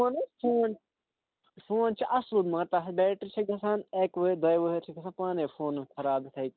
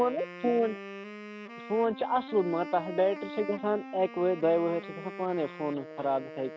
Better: first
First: none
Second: background sound (Wind instrument, woodwind instrument); 12 dB below the speech

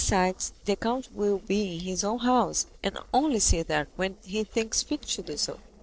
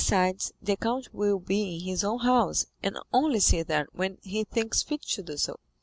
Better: second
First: noise reduction (neural separator model SepFormer DNS4)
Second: none

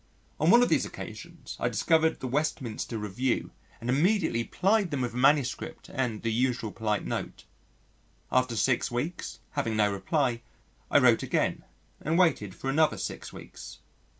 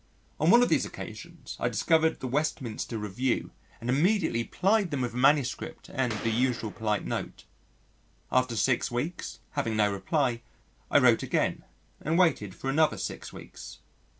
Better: first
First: none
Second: background sound (Boom); 11 dB below the speech

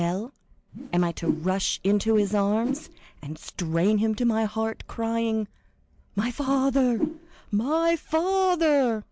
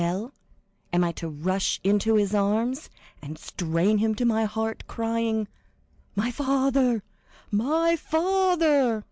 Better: second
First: noise reduction (neural mask model Resemble Enhance denoiser)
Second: none

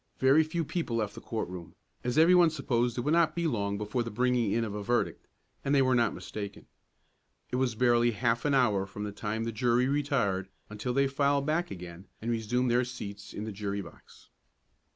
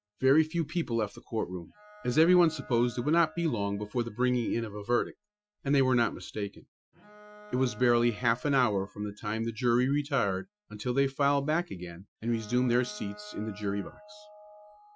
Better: first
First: none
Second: noise reduction (classical method Wiener filter)

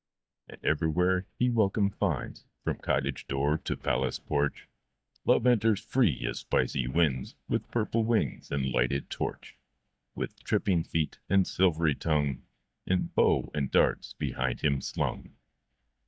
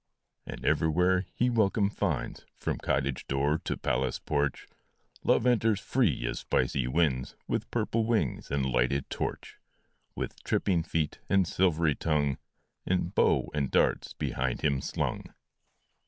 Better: second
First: noise reduction (neural mask model DeepFilterNet 3)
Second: none

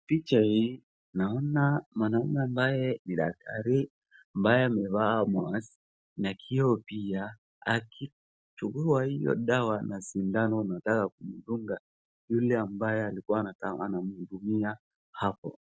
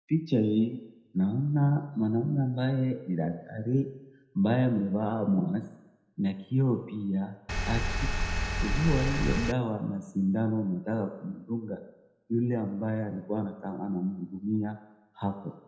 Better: first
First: none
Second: background sound (Engine); 1 dB above the speech // room echo; dies away in 0.7 s

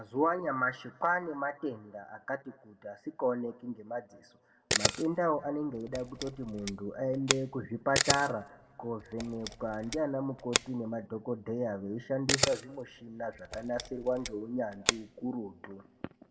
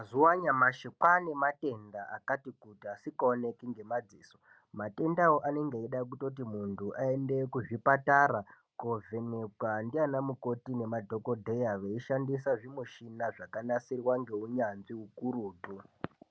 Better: second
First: background sound (Camera); 2 dB below the speech // room echo; dies away in 1 s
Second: none

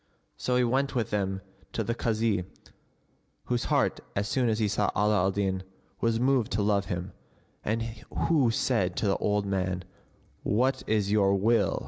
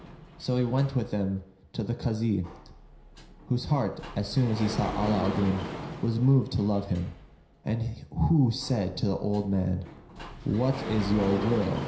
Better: first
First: none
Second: background sound (Sliding door); 11 dB below the speech // room echo; dies away in 0.5 s

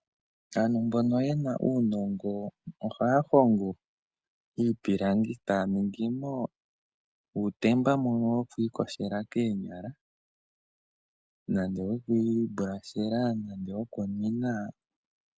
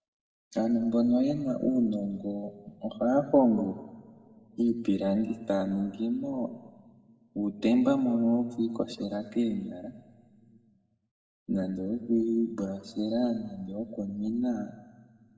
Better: first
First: none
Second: room echo; dies away in 1.5 s

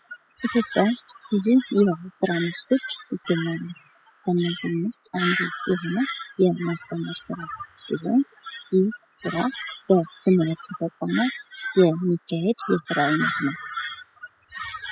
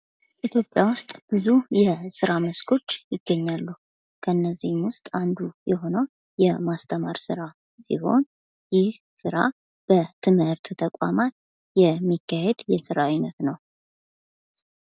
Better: second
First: noise reduction (classical method spectral subtraction)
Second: none

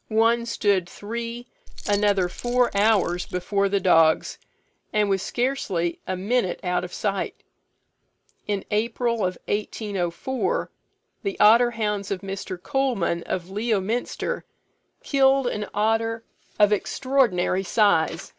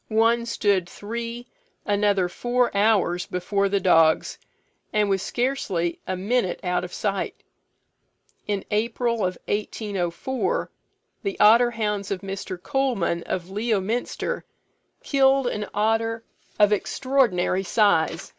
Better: second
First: background sound (Keys jangling); 11 dB below the speech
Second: none

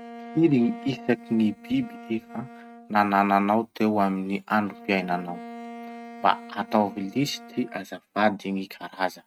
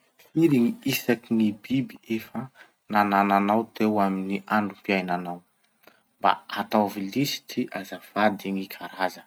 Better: second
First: noise reduction (neural mask model RNNoise)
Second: none

